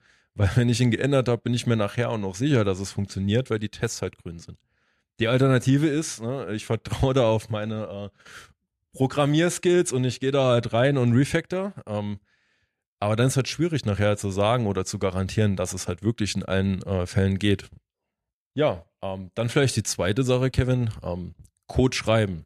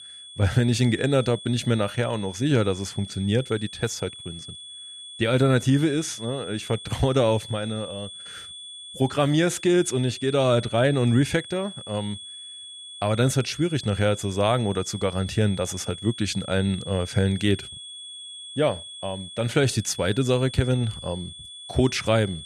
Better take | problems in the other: first | high-pitched whine; noticeable; throughout; 3.5 kHz, 15 dB below the speech

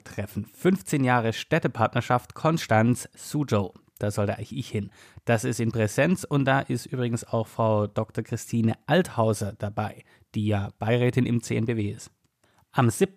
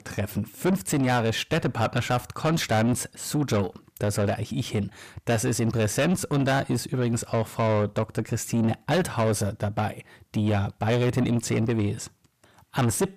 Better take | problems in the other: first | distortion; heavy; 7 dB below the speech

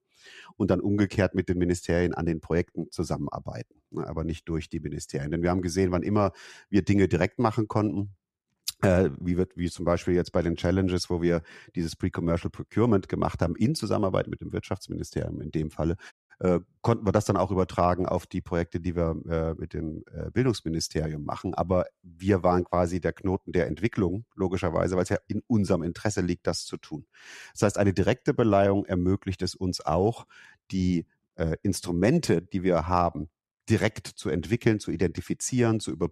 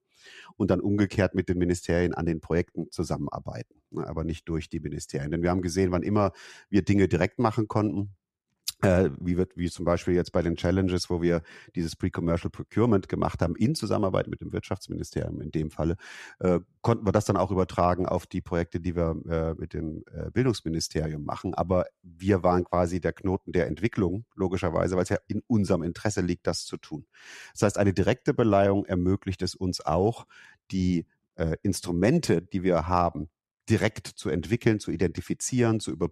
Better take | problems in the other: second | audio cutting out; at 16 s

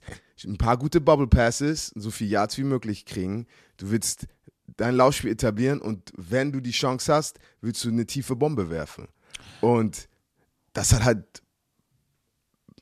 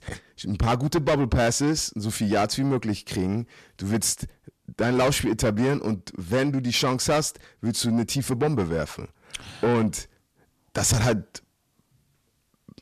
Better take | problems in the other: first | distortion; heavy; 6 dB below the speech

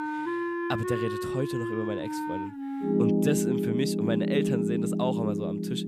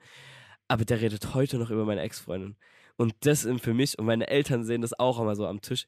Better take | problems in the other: second | background music; very loud; throughout; 3 dB above the speech

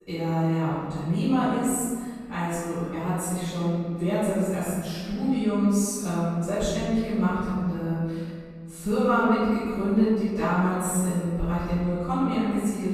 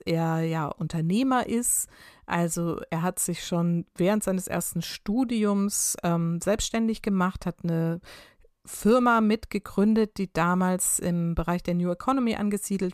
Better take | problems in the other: second | off-mic speech; far // room echo; strong; dies away in 1.8 s

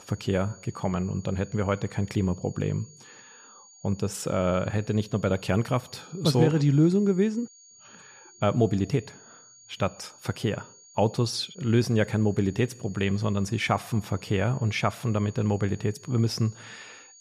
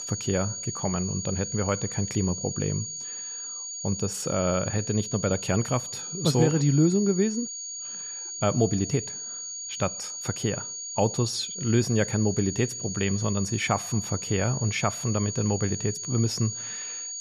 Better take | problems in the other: first | high-pitched whine; loud; throughout; 6.5 kHz, 6 dB below the speech; faint in the first

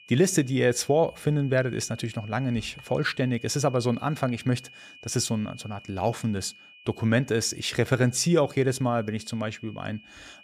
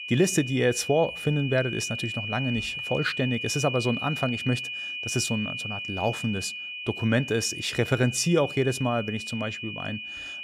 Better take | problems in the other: first | high-pitched whine; loud; throughout; 2.5 kHz, 5 dB below the speech; faint in the first

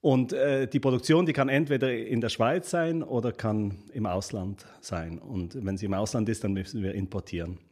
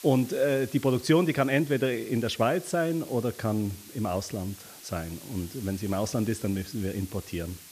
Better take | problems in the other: first | hiss; noticeable; throughout; 15 dB below the speech

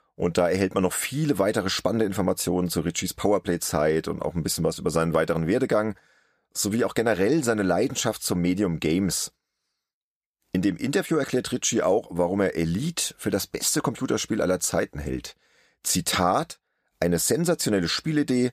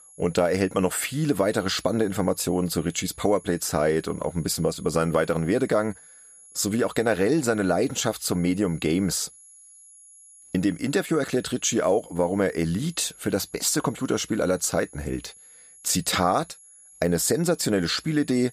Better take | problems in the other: first | high-pitched whine; faint; throughout; 11 kHz, 20 dB below the speech

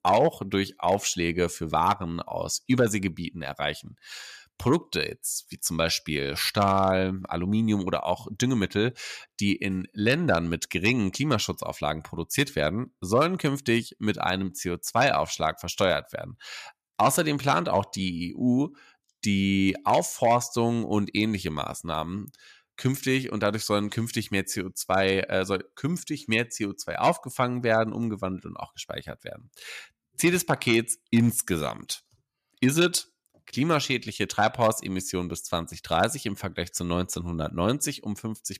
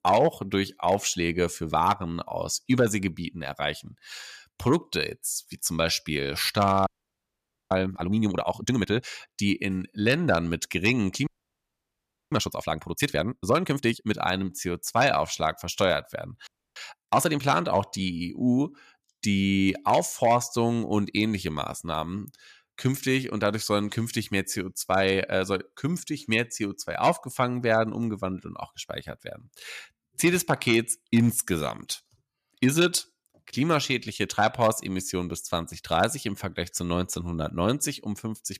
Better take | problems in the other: first | audio freezing; at 7 s for 1 s, at 11 s for 1 s and at 16 s

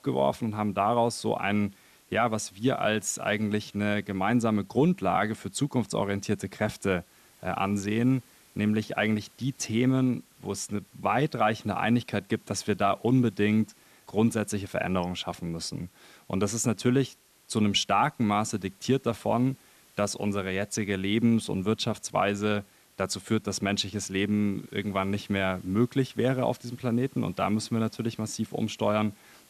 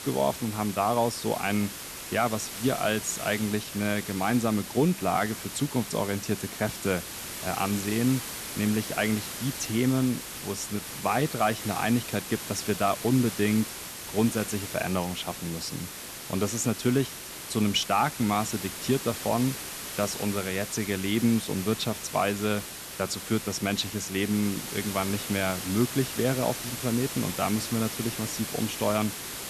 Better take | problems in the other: first | hiss; loud; throughout; 7 dB below the speech; faint in the first

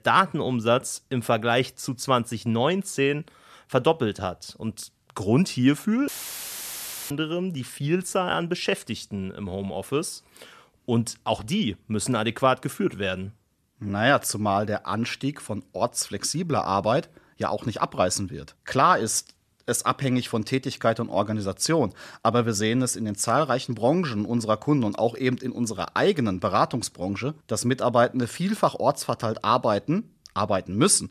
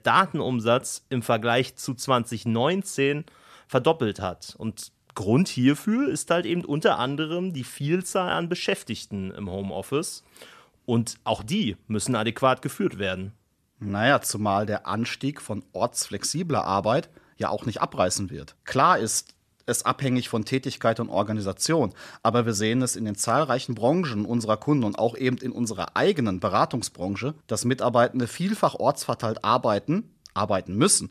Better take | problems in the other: second | audio cutting out; filled with static; at 6 s for 1 s

